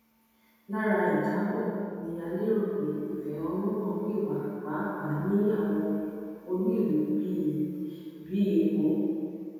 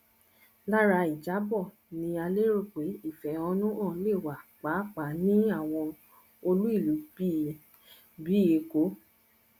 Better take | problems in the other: second | room echo; dies away in 2 s

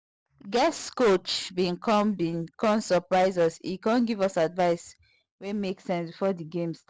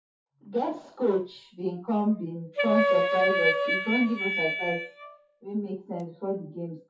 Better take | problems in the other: first | noise reduction (classical method WPE with log-MMSE)

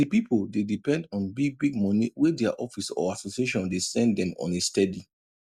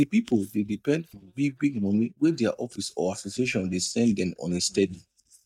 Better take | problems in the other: first | noise reduction (neural mask model DeepFilterNet 3)

